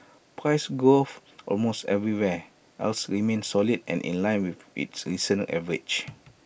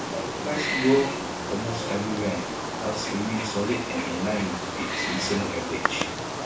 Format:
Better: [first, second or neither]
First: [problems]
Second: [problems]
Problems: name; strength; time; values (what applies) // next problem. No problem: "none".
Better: first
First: none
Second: background sound (Wild animals); 1 dB below the speech // room echo; dies away in 0.3 s